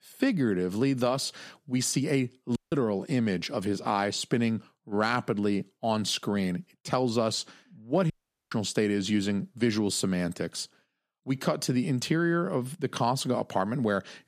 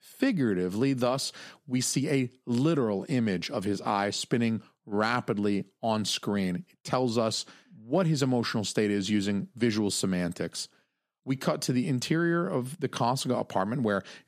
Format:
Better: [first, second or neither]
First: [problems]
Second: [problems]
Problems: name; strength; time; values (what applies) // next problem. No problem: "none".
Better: second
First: audio cutting out; at 2.5 s and at 8 s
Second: none